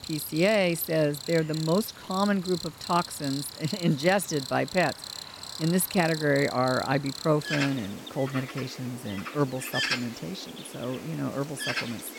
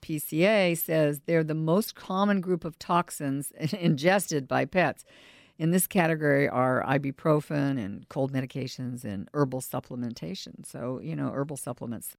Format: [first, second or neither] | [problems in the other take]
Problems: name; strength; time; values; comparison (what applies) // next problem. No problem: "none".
second | animal sounds; loud; throughout; 8 dB below the speech